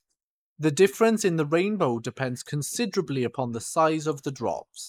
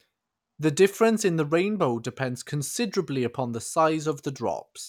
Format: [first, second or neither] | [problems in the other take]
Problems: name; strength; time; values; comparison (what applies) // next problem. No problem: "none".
second | noise reduction (neural mask model Resemble Enhance denoiser)